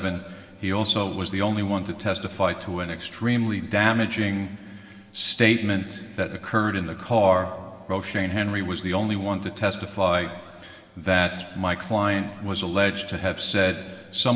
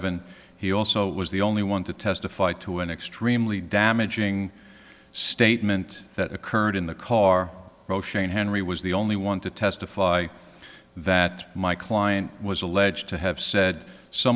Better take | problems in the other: second | room echo; dies away in 1.6 s

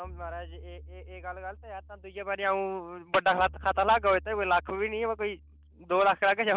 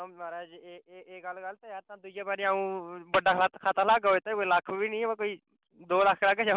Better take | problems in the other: second | background sound (Bowed string instrument); 18 dB below the speech

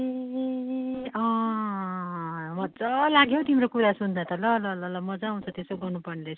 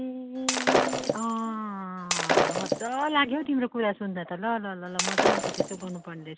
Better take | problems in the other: first | background sound (Shatter); 3 dB above the speech

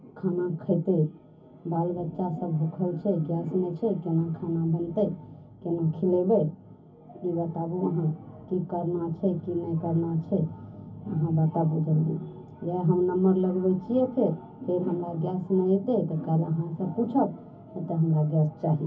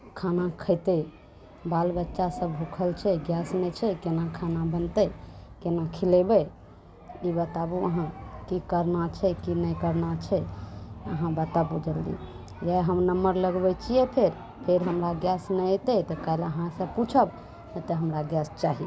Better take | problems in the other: second | room echo; dies away in 0.3 s

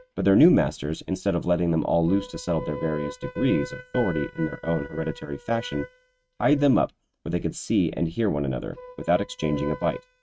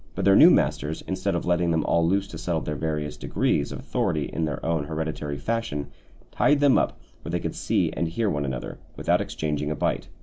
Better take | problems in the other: second | noise reduction (neural mask model RNNoise)

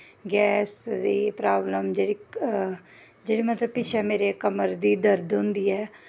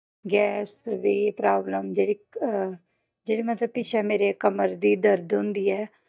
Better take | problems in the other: first | noise reduction (neural mask model DeepFilterNet 3)

